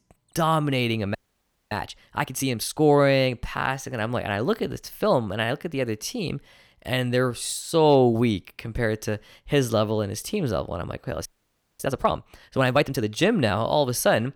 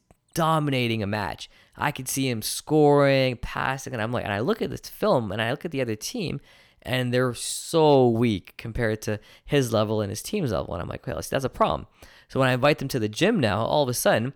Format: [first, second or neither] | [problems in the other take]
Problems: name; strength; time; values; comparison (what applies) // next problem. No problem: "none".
second | audio freezing; at 1 s for 0.5 s and at 11 s for 0.5 s